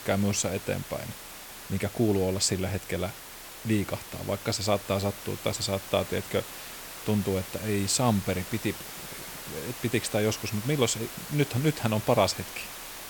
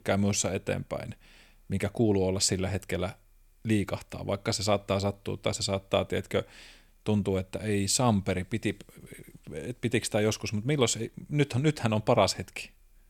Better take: second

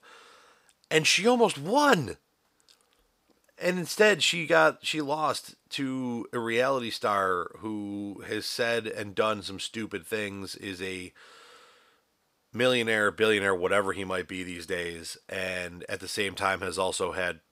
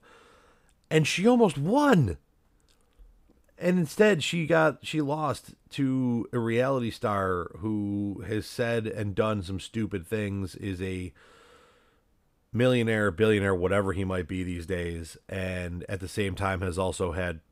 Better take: second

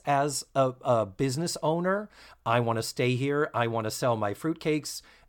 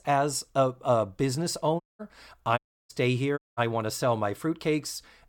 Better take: first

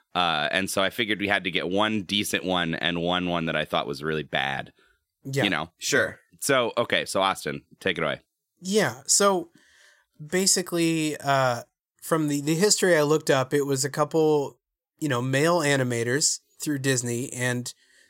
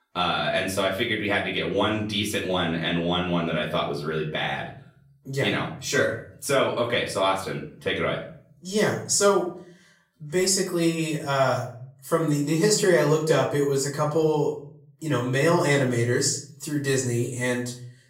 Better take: first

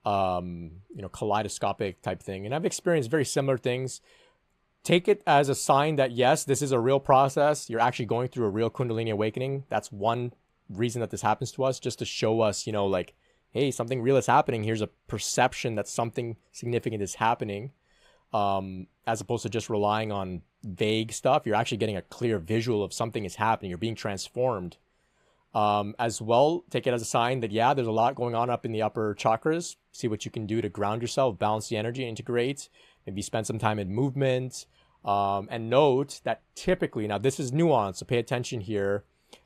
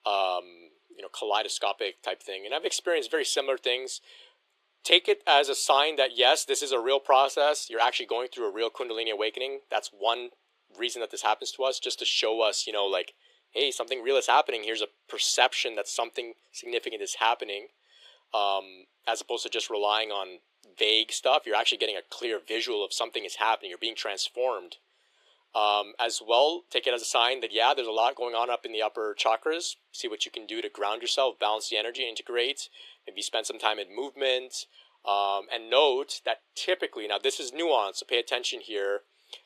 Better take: first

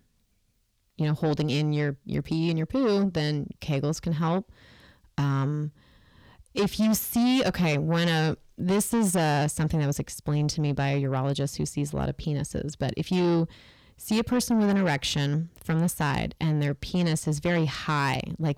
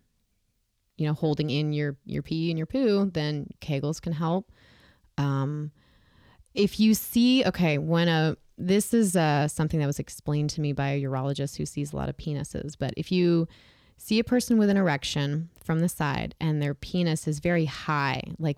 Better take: second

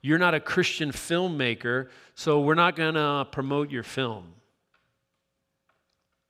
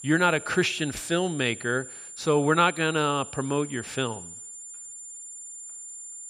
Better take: first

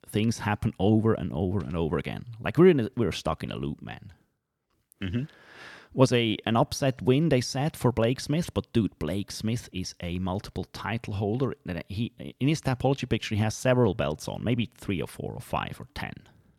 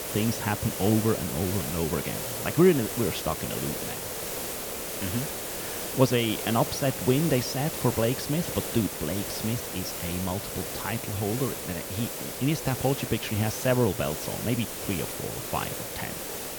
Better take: first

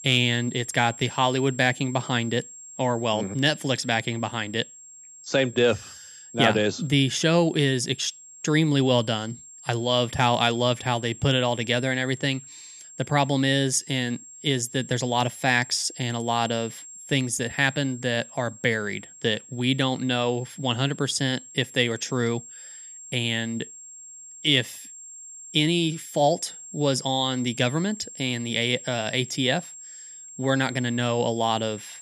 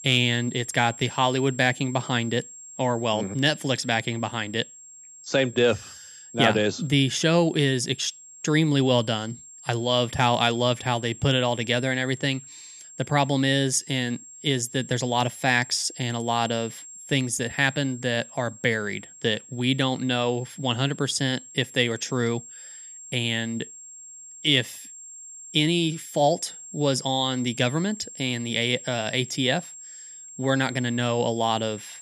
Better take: neither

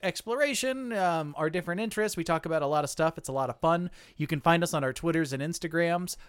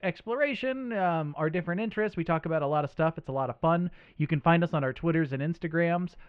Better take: first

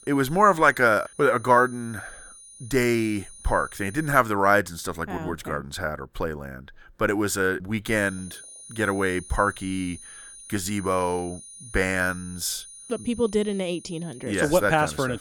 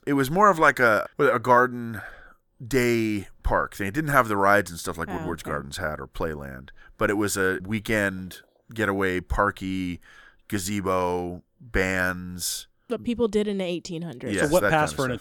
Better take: second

